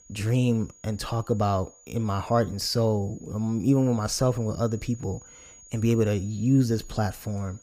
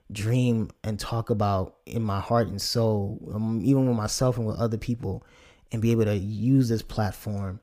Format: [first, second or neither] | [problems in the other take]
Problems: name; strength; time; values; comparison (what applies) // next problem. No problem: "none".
second | high-pitched whine; faint; throughout; 6.5 kHz, 25 dB below the speech